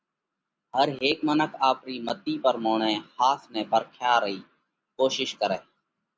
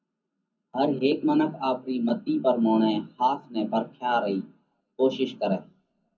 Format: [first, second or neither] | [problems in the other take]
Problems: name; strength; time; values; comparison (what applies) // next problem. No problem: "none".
first | room echo; dies away in 0.4 s